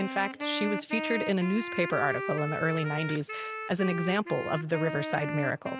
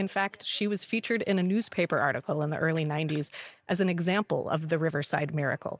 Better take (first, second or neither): second